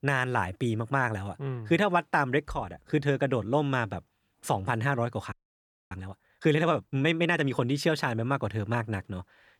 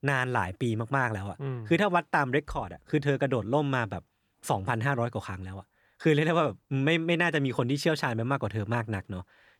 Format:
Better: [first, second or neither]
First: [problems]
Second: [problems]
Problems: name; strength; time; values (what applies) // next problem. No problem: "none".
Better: second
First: audio freezing; at 5.5 s for 0.5 s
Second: none